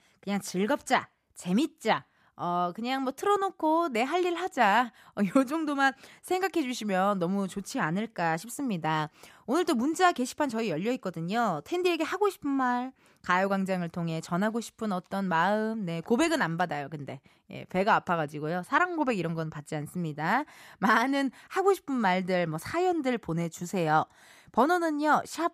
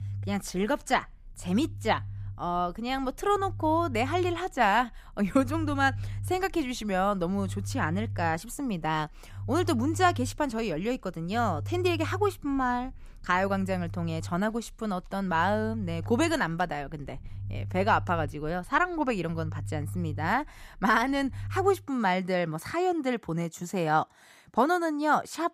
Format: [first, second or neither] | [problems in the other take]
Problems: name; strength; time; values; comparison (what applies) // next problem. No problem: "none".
first | low rumble; faint; until 22 s; 25 dB below the speech